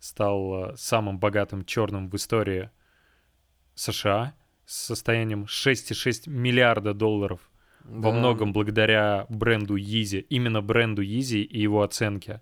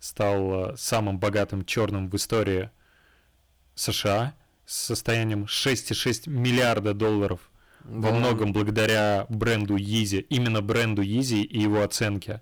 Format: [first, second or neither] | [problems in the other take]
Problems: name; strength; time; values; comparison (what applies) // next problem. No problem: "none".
first | distortion; heavy; 11% of the sound clipped